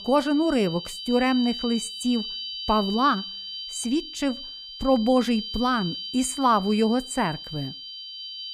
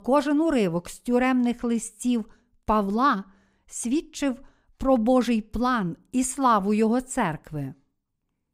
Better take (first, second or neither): second